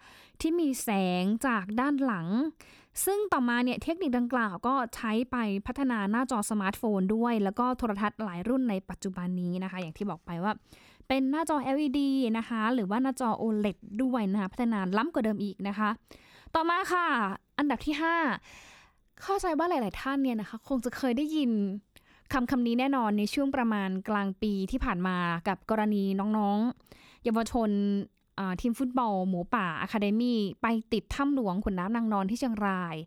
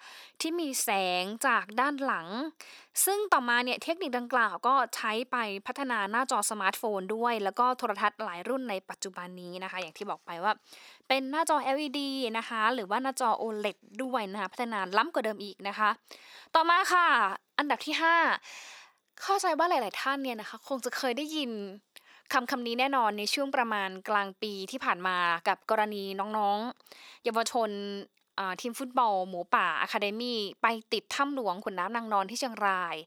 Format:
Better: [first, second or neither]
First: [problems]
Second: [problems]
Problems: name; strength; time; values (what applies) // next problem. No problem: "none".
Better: first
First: none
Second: thin; somewhat; fading below 550 Hz